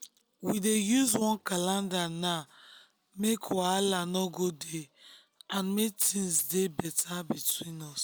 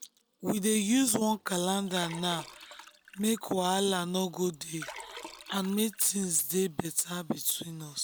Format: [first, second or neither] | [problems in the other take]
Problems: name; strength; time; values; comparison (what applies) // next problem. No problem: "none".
first | background sound (Liquid); 17 dB below the speech